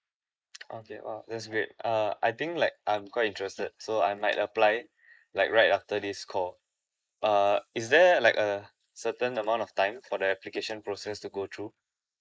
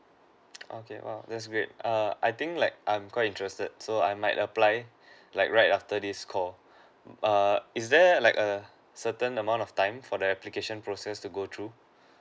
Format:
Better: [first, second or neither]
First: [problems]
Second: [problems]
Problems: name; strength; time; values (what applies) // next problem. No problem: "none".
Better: second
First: noise reduction (neural mask model Resemble Enhance denoiser)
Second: none